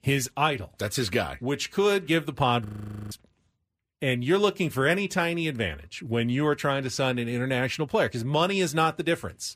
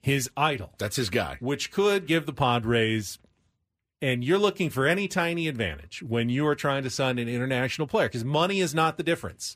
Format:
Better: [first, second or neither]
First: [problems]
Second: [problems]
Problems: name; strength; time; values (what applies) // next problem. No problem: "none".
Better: second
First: audio freezing; at 2.5 s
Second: none